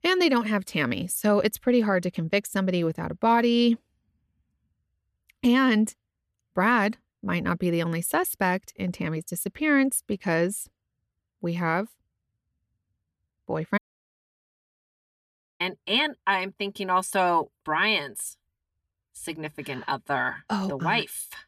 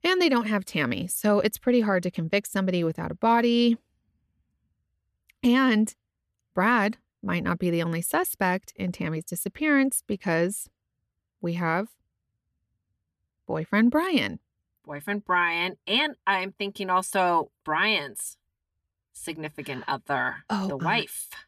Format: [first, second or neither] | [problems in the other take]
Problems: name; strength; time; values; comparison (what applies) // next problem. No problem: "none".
second | audio cutting out; at 14 s for 2 s